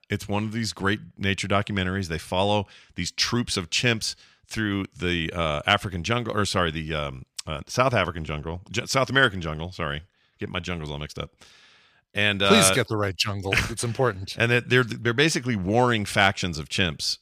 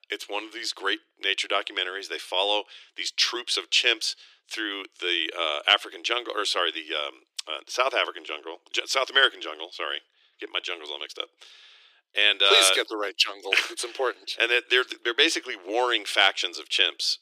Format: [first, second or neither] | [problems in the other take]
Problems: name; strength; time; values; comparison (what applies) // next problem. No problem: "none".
first | thin; very; fading below 300 Hz